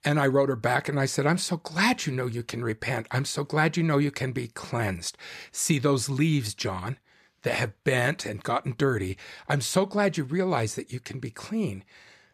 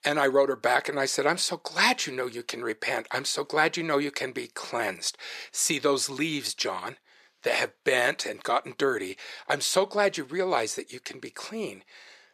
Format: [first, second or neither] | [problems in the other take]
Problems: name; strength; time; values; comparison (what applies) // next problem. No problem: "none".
first | thin; somewhat; fading below 450 Hz